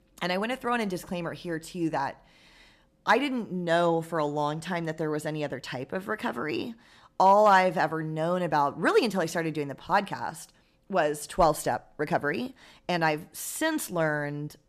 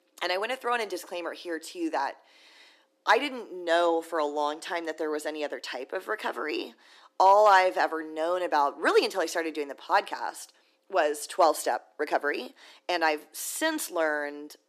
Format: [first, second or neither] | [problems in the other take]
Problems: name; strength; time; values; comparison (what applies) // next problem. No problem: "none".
first | thin; somewhat; fading below 300 Hz